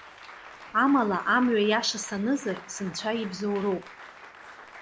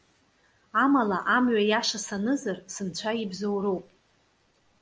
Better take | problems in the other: second | background sound (Applause); 18 dB below the speech

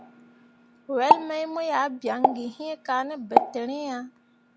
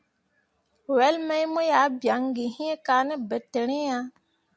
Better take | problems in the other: second | background sound (Explosion); 2 dB above the speech

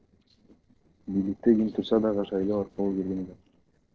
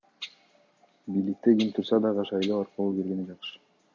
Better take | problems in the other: second | noise reduction (neural separator model SepFormer DNS4)

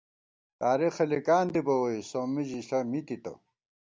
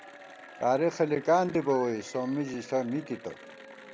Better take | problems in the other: first | background sound (Applause / Cheering); 18 dB below the speech

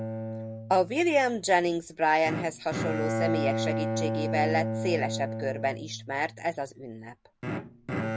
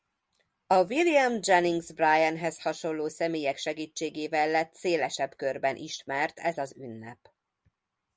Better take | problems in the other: second | background sound (Bowed string instrument); 4 dB below the speech

